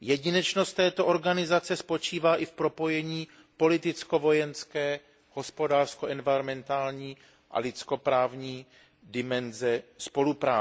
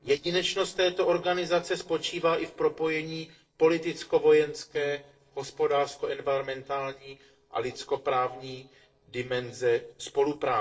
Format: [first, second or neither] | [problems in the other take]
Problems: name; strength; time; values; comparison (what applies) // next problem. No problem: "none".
first | noise reduction (neural separator model SepFormer DNS4)